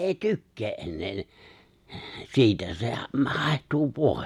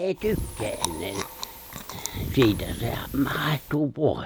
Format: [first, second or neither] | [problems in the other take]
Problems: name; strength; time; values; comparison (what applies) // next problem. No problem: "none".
first | background sound (Chewing, mastication); 7 dB below the speech